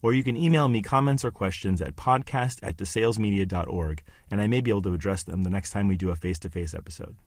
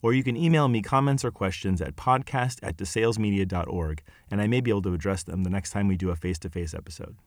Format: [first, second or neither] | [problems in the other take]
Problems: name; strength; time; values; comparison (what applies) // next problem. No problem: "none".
second | garbled, watery; slightly